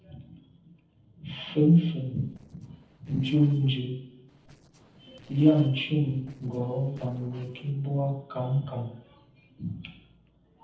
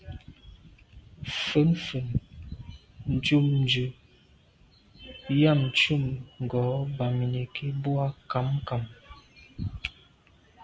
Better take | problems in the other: second | noise reduction (neural separator model SepFormer DNS4)

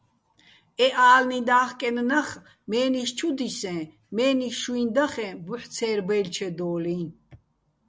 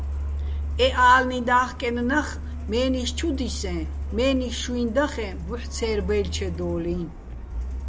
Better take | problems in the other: first | background sound (Truck); 6 dB below the speech

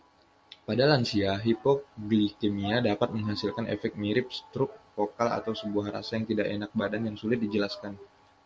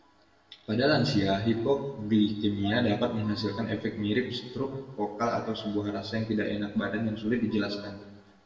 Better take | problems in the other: first | room echo; dies away in 0.9 s

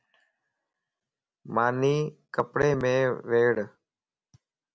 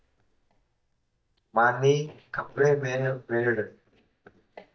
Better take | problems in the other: first | noise reduction (neural mask model DeepFilterNet 3)

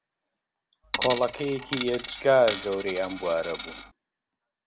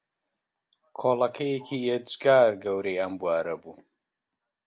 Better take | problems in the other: second | background sound (Coin (dropping)); 8 dB below the speech

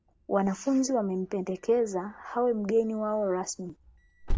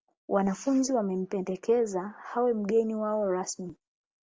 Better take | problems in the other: second | background sound (Alarm); 9 dB below the speech

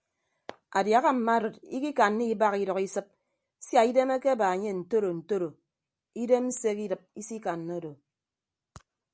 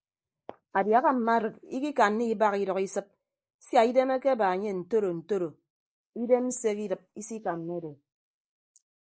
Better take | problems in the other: first | noise reduction (neural mask model Resemble Enhance denoiser)

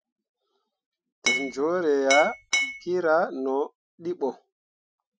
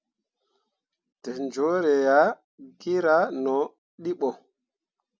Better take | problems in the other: second | noise reduction (classical method Wiener filter)

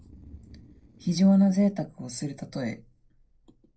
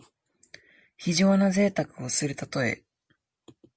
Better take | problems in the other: second | noise reduction (neural separator model SepFormer DNS4)

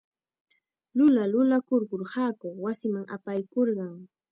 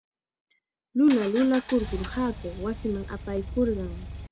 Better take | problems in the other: first | background sound (Engine); 10 dB below the speech

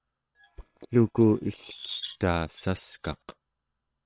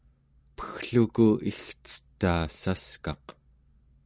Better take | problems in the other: second | noise reduction (neural separator model SepFormer WHAM!)

